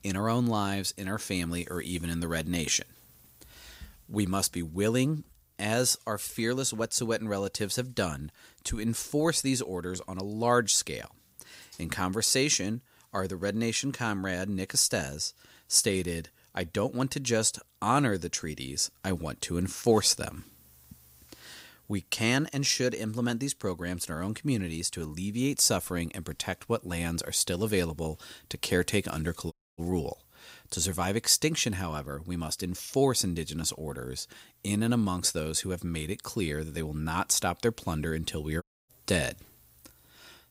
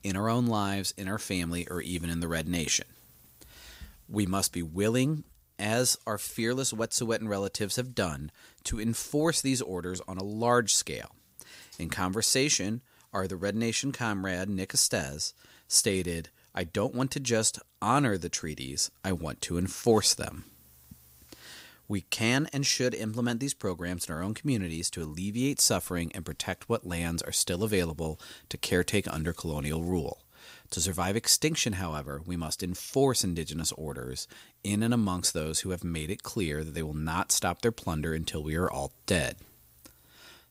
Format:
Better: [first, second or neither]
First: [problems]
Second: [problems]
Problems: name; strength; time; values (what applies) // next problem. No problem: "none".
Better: second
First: audio cutting out; at 30 s and at 39 s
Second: none